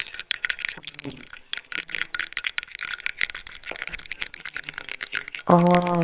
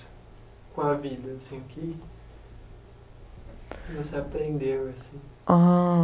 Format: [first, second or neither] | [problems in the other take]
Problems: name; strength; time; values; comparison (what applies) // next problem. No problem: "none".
second | noise reduction (neural separator model SepFormer WHAMR!)